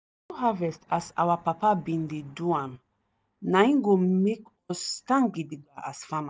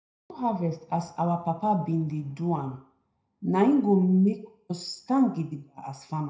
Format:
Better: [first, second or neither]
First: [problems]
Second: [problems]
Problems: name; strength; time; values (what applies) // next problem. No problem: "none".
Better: first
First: none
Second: room echo; dies away in 0.5 s